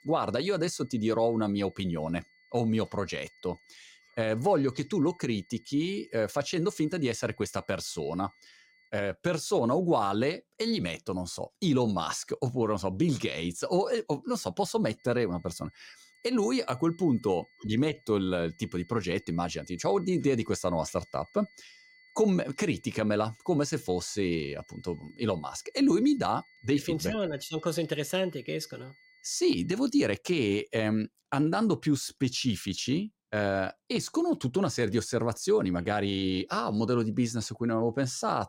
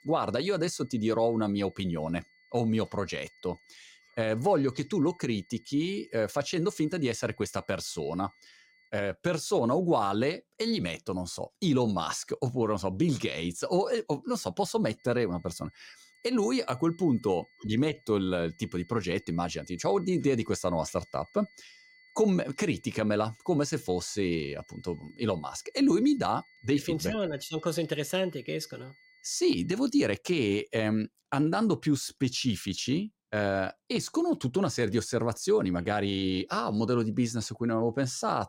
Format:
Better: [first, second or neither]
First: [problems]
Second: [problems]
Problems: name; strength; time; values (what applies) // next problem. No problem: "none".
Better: neither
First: high-pitched whine; faint; until 9 s and from 15 to 30 s; 2 kHz, 30 dB below the speech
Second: high-pitched whine; faint; until 9 s and from 15 to 30 s; 2 kHz, 30 dB below the speech